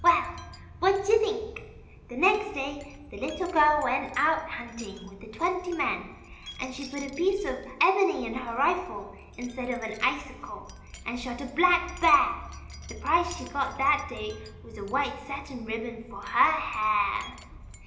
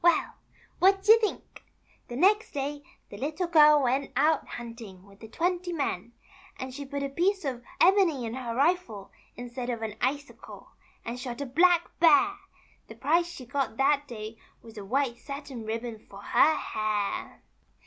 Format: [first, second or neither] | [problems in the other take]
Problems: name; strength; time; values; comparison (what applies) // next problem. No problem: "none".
second | background sound (Wind chime); 17 dB below the speech // room echo; dies away in 0.9 s